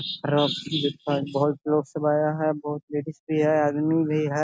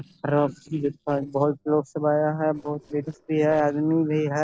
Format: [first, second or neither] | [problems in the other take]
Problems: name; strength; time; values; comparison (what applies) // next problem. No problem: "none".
first | noise reduction (neural separator model SepFormer DNS4)